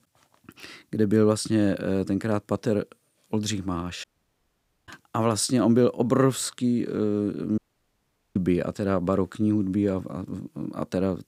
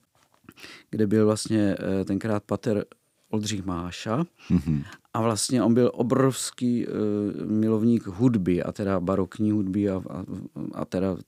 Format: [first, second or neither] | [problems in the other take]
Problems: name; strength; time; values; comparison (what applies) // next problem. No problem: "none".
second | audio cutting out; at 4 s for 1 s and at 7.5 s for 1 s